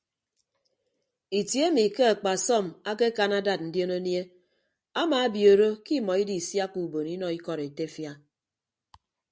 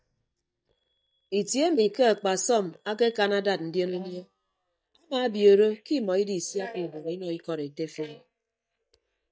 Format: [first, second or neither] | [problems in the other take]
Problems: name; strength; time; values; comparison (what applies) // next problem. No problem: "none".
first | noise reduction (neural mask model DeepFilterNet 3)